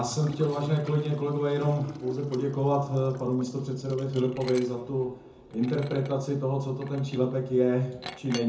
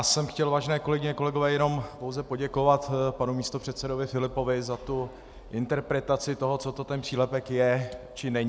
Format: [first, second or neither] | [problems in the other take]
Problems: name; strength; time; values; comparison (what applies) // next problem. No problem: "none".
second | background sound (Liquid); 18 dB below the speech // room echo; dies away in 0.6 s